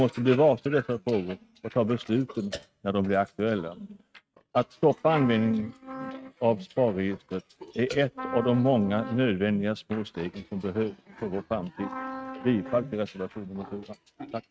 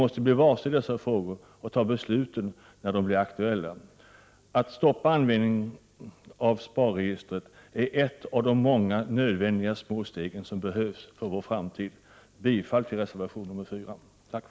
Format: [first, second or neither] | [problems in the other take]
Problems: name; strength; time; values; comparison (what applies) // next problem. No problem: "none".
second | noise reduction (neural mask model RNNoise)